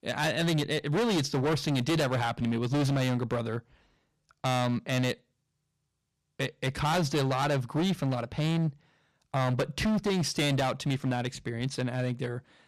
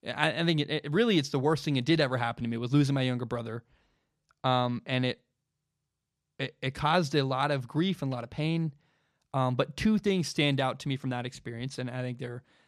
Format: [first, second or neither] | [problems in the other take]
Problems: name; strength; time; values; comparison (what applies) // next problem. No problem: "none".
second | distortion; heavy; 18% of the sound clipped